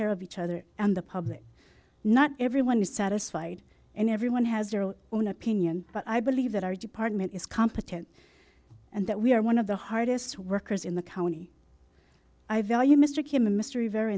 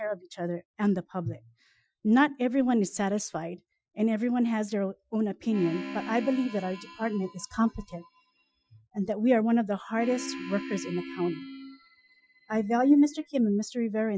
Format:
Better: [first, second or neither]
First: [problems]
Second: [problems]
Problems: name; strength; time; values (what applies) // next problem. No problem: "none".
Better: first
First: none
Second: noise reduction (classical method Wiener filter)